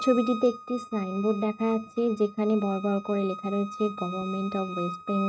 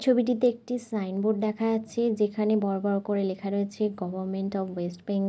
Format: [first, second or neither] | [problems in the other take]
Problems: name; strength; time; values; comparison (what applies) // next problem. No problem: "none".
second | noise reduction (neural mask model RNNoise)